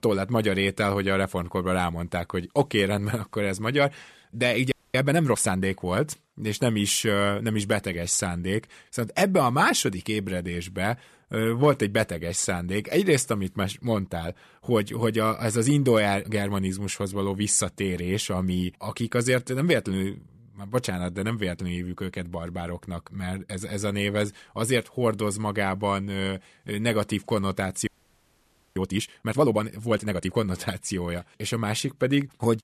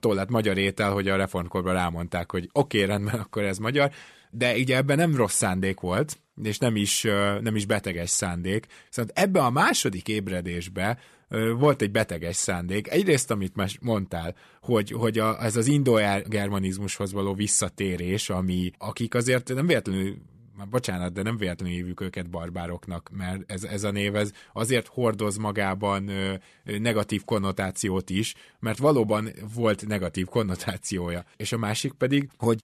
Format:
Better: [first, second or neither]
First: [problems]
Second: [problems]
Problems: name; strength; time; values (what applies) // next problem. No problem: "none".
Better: second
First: audio freezing; at 4.5 s and at 28 s for 1 s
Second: none